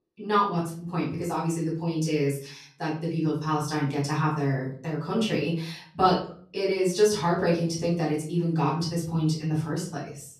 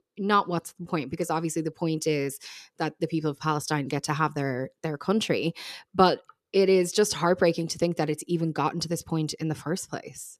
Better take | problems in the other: second | room echo; slight; dies away in 0.4 s // off-mic speech; far

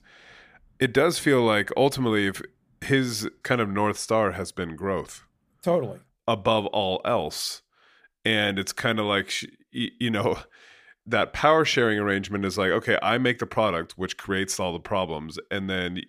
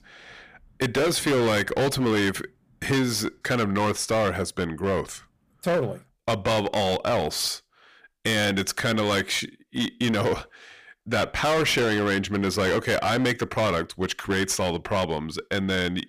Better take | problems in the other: first | distortion; heavy; 17% of the sound clipped

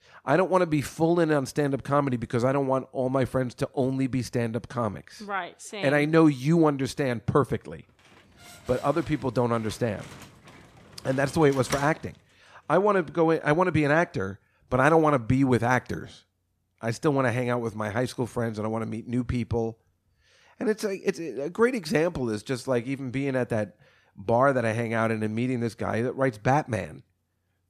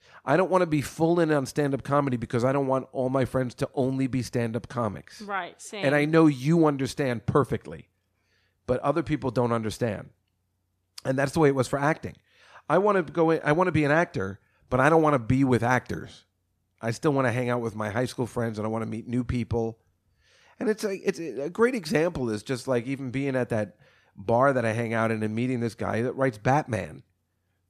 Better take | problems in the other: second | door banging; noticeable; from 8.5 to 12 s; peak 9 dB below the speech

